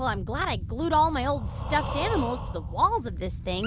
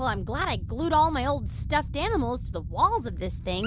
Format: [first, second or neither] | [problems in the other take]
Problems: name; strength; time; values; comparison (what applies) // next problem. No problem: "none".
second | background sound (Breathing); 12 dB below the speech